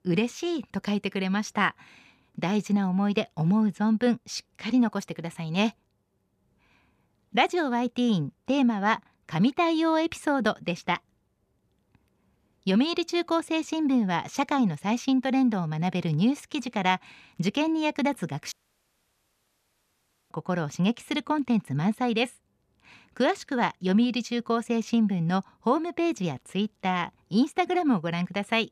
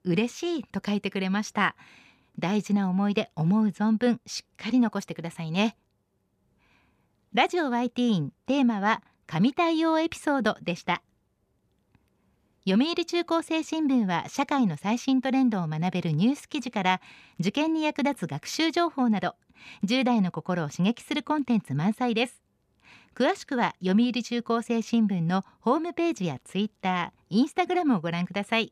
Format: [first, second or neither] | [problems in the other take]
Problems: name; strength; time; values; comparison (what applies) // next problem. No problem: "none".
second | audio cutting out; at 19 s for 2 s